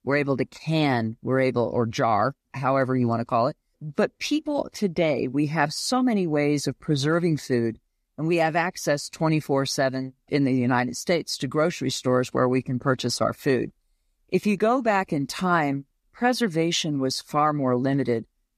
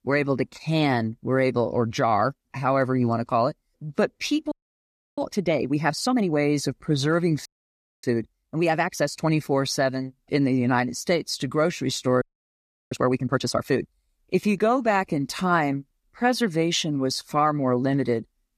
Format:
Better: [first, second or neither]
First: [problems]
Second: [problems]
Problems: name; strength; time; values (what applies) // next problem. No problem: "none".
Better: first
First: none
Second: audio freezing; at 4.5 s for 0.5 s, at 7.5 s for 0.5 s and at 12 s for 0.5 s